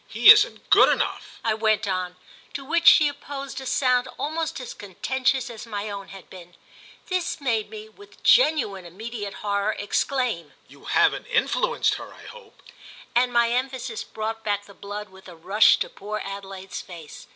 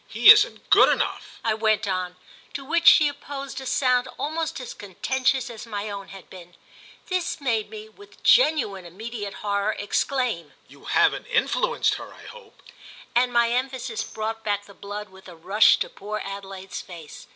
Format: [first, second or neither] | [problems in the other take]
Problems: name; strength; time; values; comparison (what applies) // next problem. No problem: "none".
first | background sound (Tambourine); 16 dB below the speech